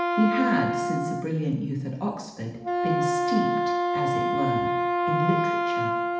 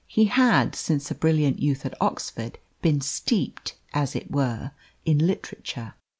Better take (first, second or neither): second